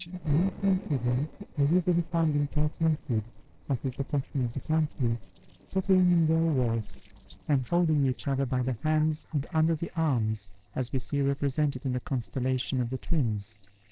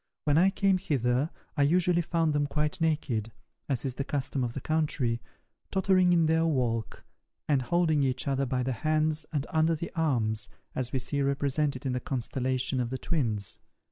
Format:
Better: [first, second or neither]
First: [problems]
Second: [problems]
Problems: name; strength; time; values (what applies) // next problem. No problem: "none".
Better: second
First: noise reduction (neural separator model SepFormer DNS4)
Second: none